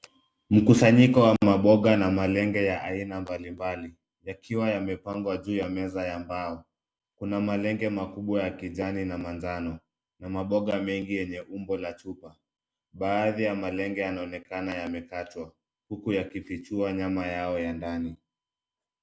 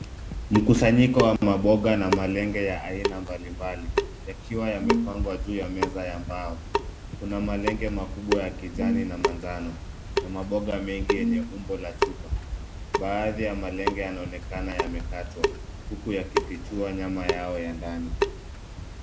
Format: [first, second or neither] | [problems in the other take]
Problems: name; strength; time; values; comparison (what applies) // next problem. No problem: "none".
first | background sound (Brass instrument + Drip / Sink (filling or washing) / Water tap, faucet); 2 dB below the speech